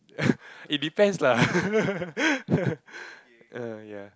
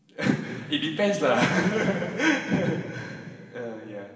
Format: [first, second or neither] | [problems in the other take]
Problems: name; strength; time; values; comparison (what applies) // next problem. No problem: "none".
first | room echo; dies away in 2.4 s